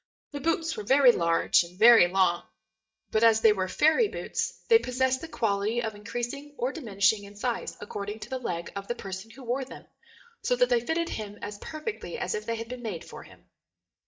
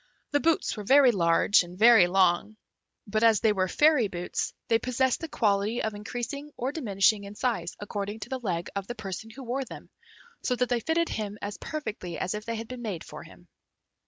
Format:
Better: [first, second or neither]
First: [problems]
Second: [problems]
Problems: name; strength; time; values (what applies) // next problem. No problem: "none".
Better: second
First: noise reduction (neural mask model DeepFilterNet 3)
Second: none